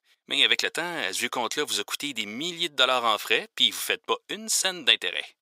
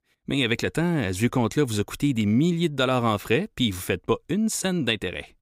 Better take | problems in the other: second | thin; very; fading below 700 Hz

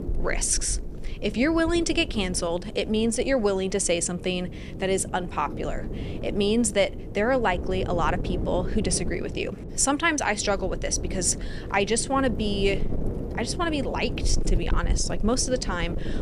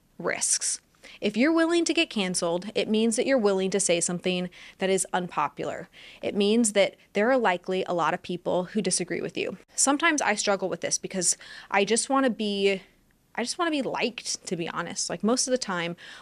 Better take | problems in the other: second | wind noise on the microphone; occasional gusts; 15 dB below the speech

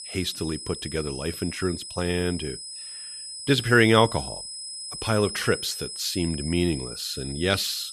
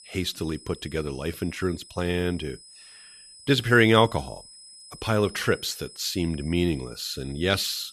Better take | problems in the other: second | high-pitched whine; loud; throughout; 5 kHz, 9 dB below the speech; faint in the second

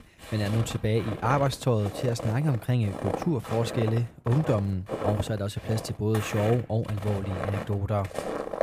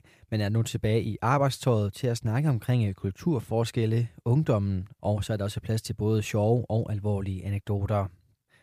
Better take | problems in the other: second | footsteps; noticeable; peak 4 dB below the speech

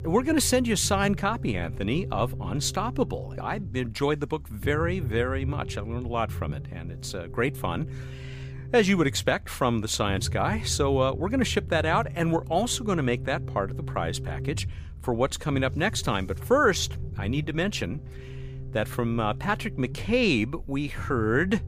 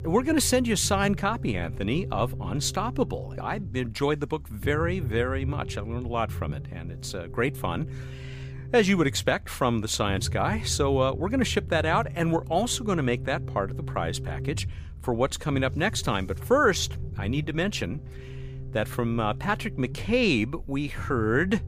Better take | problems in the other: neither | low rumble; noticeable; throughout; 20 dB below the speech; the same in both

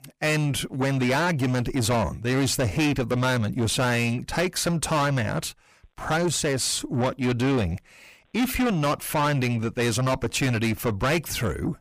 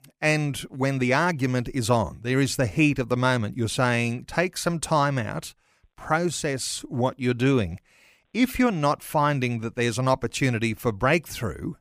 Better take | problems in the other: second | distortion; heavy; 6 dB below the speech

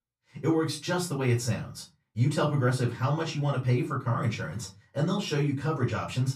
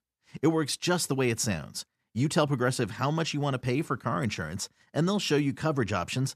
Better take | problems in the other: second | off-mic speech; far // room echo; very slight; dies away in 0.3 s

